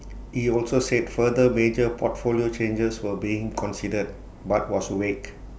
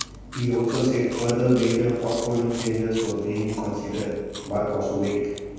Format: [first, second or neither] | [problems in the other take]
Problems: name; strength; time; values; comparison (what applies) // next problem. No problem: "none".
first | background sound (Chewing, mastication); 16 dB below the speech // room echo; dies away in 1.2 s